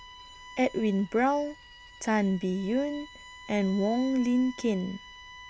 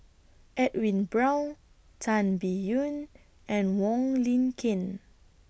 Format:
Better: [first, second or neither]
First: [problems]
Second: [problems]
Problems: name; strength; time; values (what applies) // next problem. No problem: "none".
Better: second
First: background sound (Bowed string instrument); 19 dB below the speech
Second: none